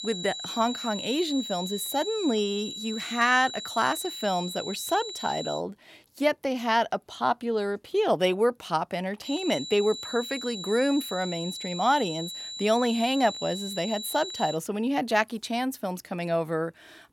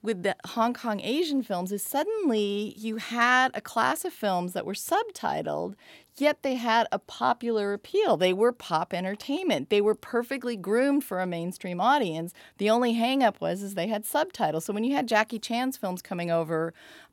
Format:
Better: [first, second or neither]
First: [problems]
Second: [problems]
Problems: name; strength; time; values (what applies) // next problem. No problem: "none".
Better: second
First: high-pitched whine; loud; until 5.5 s and from 9.5 to 15 s; 4 kHz, 8 dB below the speech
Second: none